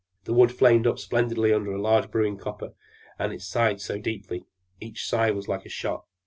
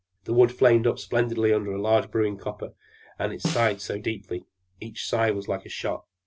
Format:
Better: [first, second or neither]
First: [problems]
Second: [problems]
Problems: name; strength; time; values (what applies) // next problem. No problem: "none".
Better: first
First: none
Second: background sound (Snare drum); 10 dB below the speech